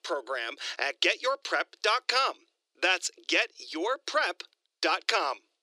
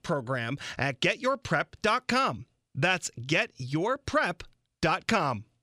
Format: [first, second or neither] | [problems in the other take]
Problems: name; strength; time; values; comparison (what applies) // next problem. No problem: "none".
second | thin; very; fading below 350 Hz